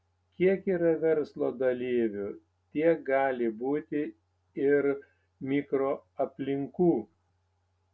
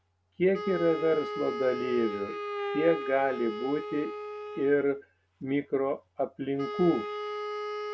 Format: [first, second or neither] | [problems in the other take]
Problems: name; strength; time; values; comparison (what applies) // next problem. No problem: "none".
first | background sound (Wind instrument, woodwind instrument); 7 dB below the speech